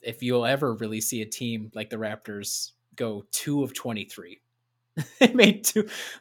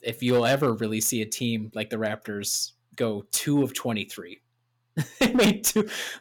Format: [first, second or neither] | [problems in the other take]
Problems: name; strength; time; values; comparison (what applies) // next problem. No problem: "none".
first | distortion; heavy; 4% of the sound clipped